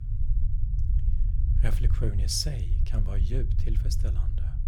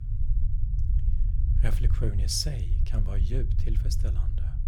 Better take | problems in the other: neither | low rumble; noticeable; throughout; 10 dB below the speech; the same in both

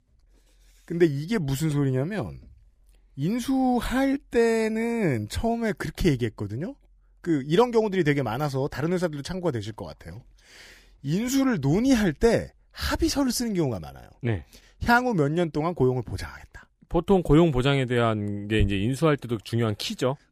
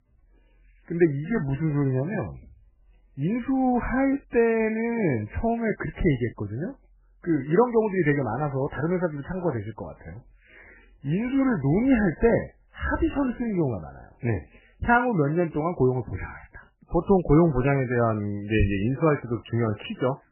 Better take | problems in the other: first | garbled, watery; badly; nothing above 3 kHz

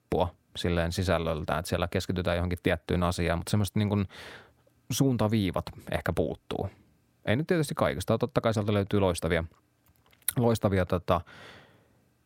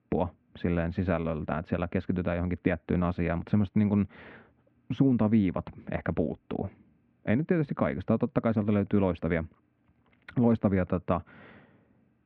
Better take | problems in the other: first | muffled; very; fading above 2.5 kHz

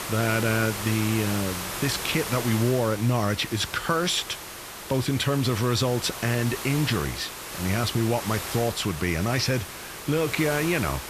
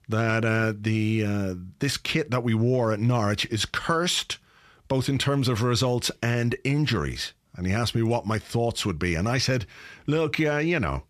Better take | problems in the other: second | hiss; loud; throughout; 7 dB below the speech

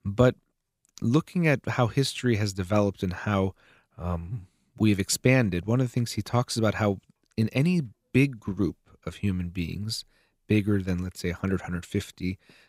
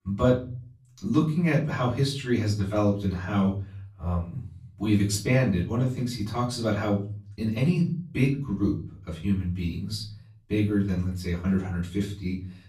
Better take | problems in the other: first | off-mic speech; far // room echo; slight; dies away in 0.5 s

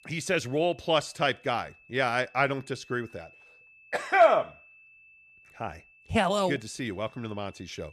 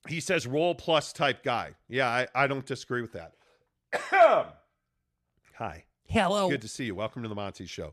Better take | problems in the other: second | high-pitched whine; faint; throughout; 2.5 kHz, 25 dB below the speech

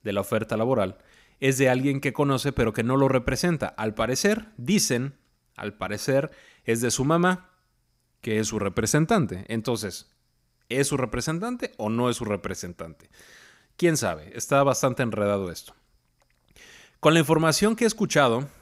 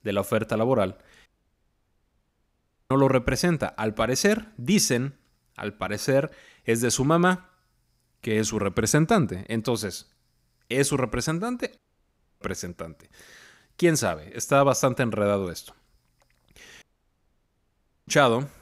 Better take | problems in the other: first | audio cutting out; at 1.5 s for 1.5 s, at 12 s for 0.5 s and at 17 s for 1.5 s

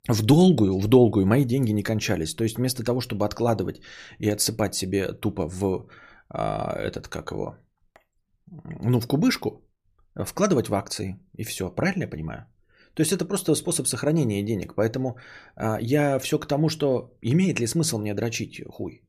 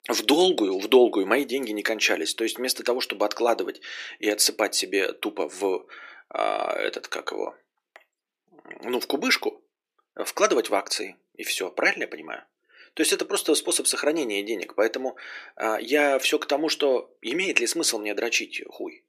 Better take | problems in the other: first | thin; somewhat; fading below 300 Hz

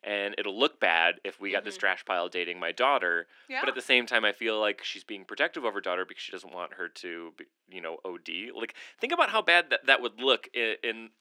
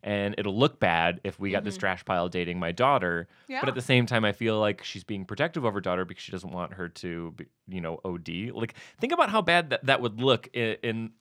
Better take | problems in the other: second | thin; somewhat; fading below 300 Hz

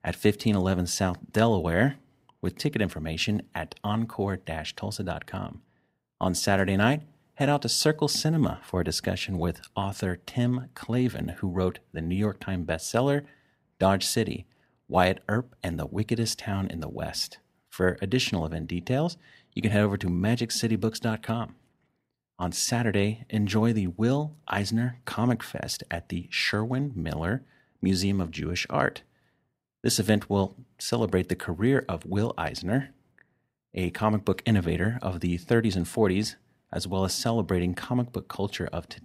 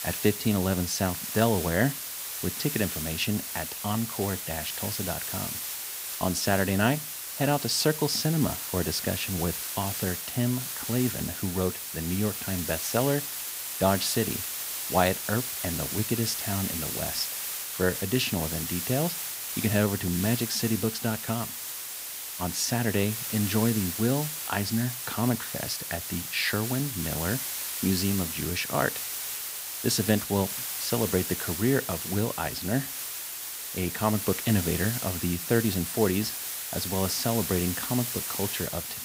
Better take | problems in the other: first | hiss; loud; throughout; 3 dB below the speech

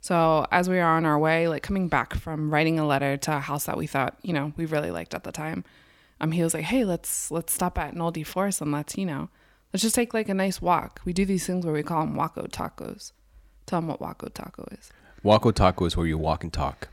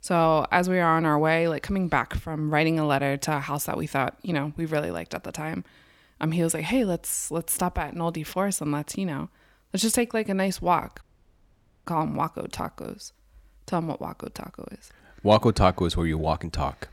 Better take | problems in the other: first | audio cutting out; at 11 s for 1 s

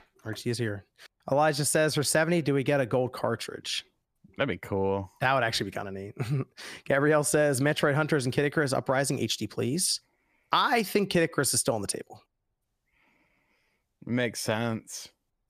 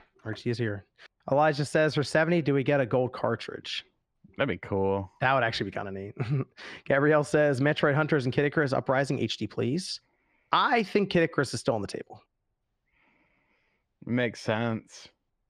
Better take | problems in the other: first | muffled; very slightly; fading above 3.5 kHz

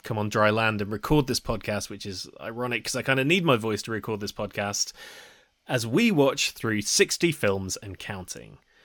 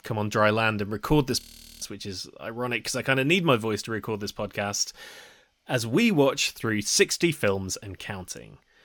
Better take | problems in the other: first | audio freezing; at 1.5 s

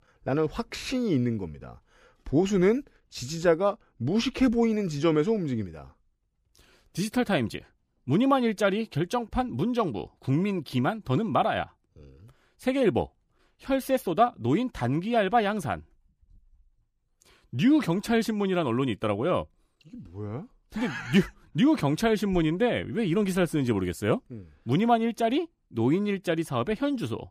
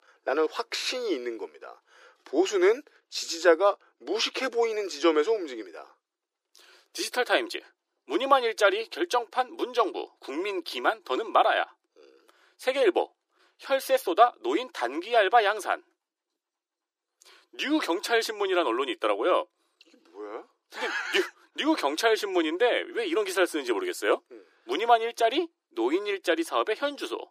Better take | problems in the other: first | thin; very; fading below 350 Hz

